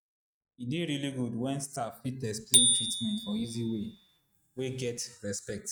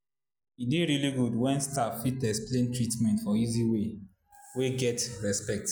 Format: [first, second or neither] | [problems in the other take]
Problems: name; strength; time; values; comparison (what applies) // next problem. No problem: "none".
second | noise reduction (neural mask model RNNoise)